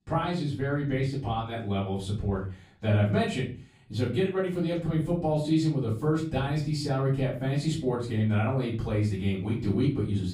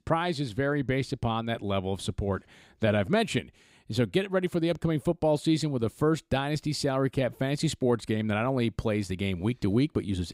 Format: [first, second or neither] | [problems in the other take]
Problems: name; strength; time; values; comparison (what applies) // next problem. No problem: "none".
second | off-mic speech; far // room echo; slight; dies away in 0.4 s